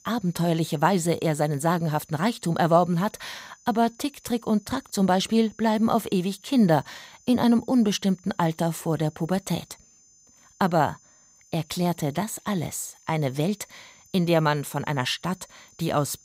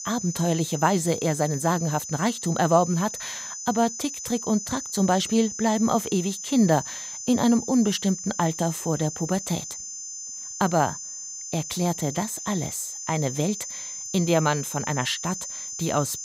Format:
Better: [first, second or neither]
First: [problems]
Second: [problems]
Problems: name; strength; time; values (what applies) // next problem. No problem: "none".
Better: first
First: high-pitched whine; faint; throughout; 6.5 kHz, 30 dB below the speech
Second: high-pitched whine; loud; throughout; 6.5 kHz, 7 dB below the speech